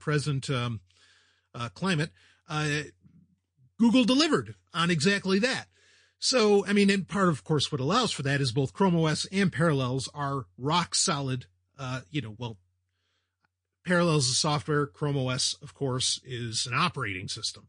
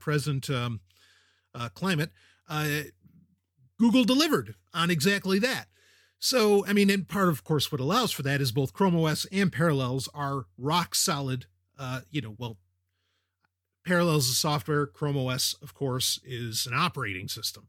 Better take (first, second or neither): second